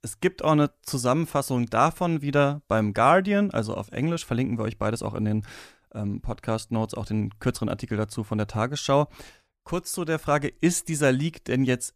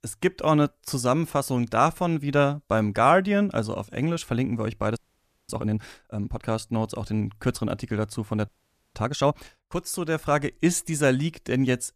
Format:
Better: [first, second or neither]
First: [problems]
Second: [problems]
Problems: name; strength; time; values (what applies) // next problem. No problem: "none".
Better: first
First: none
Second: audio freezing; at 5 s for 0.5 s and at 8.5 s